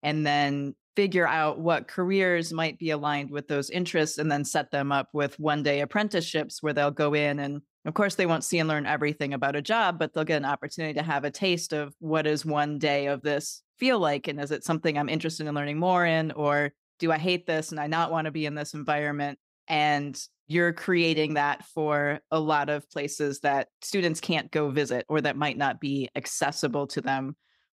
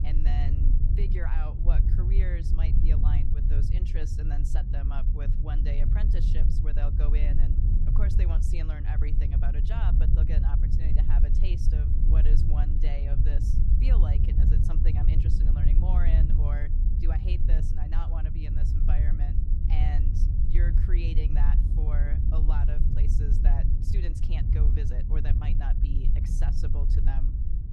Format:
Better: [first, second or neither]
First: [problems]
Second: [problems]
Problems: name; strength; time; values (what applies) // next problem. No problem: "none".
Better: first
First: none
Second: wind noise on the microphone; heavy; as loud as the speech